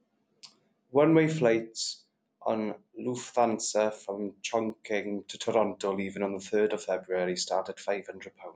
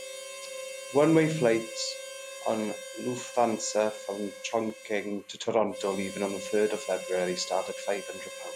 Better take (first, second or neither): first